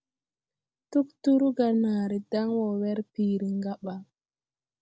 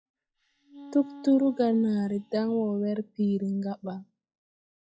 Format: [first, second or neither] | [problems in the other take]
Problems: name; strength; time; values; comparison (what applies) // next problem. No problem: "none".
first | noise reduction (classical method log-MMSE)